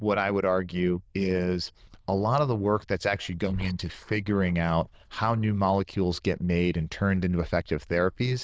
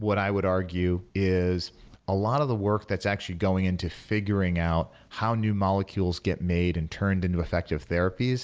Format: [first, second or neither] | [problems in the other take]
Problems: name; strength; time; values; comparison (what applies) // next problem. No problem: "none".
second | noise reduction (neural diffusion model UNIVERSE++)